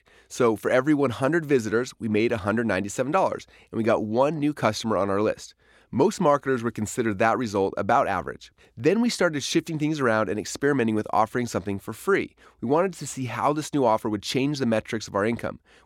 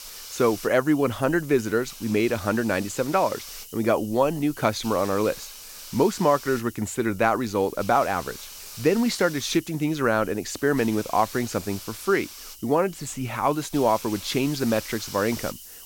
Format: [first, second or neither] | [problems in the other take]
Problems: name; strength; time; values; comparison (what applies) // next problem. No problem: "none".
first | hiss; noticeable; throughout; 15 dB below the speech